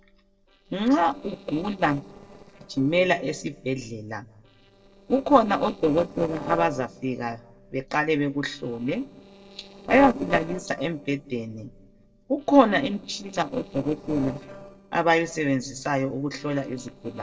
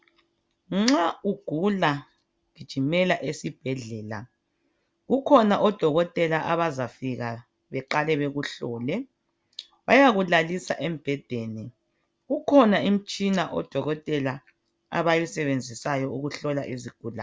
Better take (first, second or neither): second